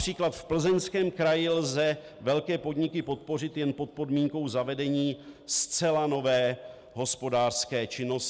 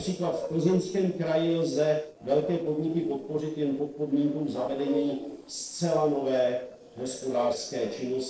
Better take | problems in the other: first | noise reduction (neural separator model SepFormer DNS4)

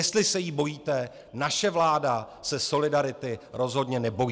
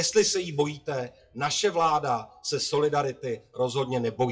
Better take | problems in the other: first | noise reduction (classical method WPE with log-MMSE)

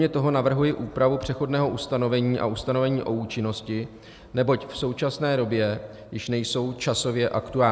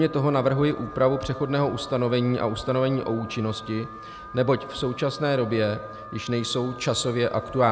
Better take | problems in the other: first | background sound (Alarm); 16 dB below the speech

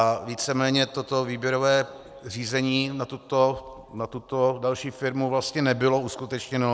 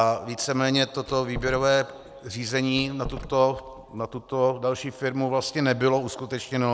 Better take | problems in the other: first | background sound (Door); 14 dB below the speech

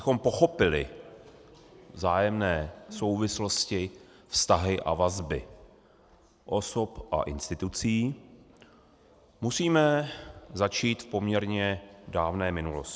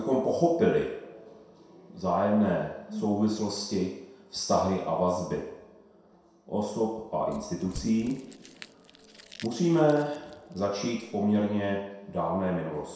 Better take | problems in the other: first | background sound (Crumpling, crinkling / Crushing); 19 dB below the speech // room echo; dies away in 0.7 s

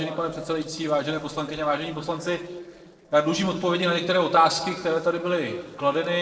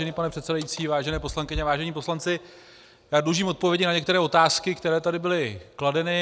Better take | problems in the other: second | noise reduction (neural separator model SepFormer DNS4)

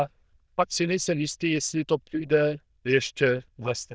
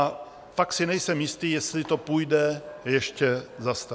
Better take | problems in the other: second | noise reduction (neural diffusion model UNIVERSE++)

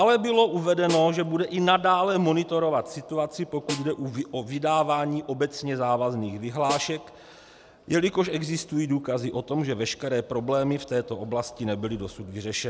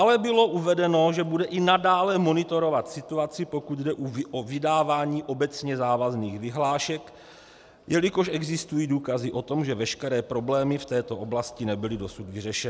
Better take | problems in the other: second | background sound (Snare drum); 15 dB below the speech

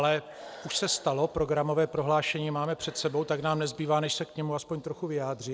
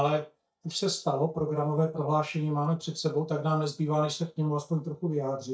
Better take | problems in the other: first | noise reduction (neural mask model DeepFilterNet 3)

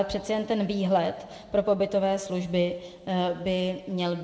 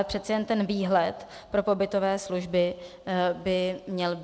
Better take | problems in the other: second | room echo; dies away in 1.2 s

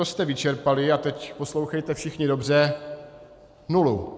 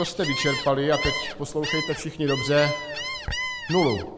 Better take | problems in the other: first | background sound (Gull, seagull); 5 dB below the speech

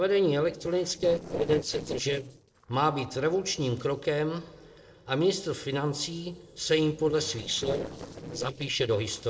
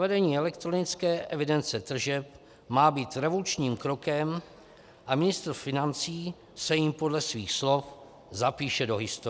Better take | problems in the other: second | noise reduction (neural separator model SepFormer DNS4)

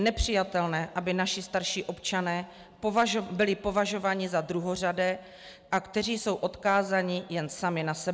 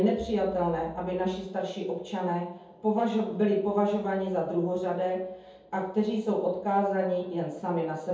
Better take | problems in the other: first | room echo; dies away in 0.7 s

